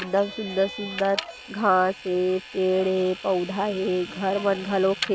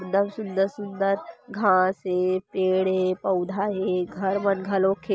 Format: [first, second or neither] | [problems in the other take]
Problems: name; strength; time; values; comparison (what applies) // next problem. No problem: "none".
second | background sound (Vehicle); 14 dB below the speech